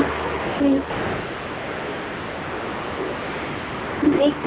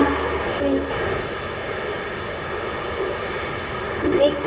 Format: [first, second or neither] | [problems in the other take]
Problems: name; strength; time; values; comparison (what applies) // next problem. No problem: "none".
first | room echo; dies away in 2.7 s